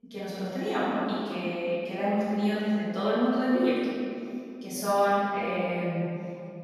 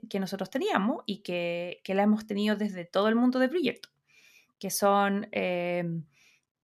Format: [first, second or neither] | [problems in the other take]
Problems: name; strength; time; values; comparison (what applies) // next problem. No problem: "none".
second | off-mic speech; far // room echo; strong; dies away in 2.3 s